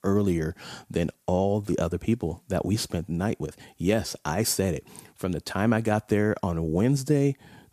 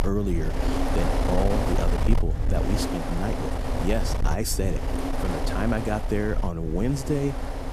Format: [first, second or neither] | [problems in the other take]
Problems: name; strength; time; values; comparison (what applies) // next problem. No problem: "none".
first | wind noise on the microphone; heavy; 1 dB below the speech